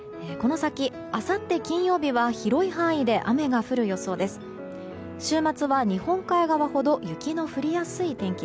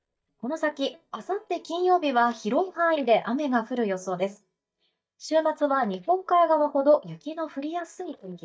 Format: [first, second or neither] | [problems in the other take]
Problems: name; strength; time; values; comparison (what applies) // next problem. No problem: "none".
first | noise reduction (neural mask model DeepFilterNet 3)